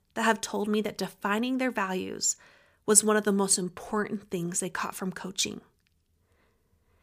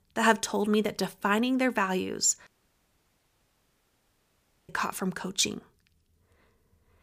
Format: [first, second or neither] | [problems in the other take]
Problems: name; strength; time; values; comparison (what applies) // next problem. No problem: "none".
first | audio cutting out; at 2.5 s for 2 s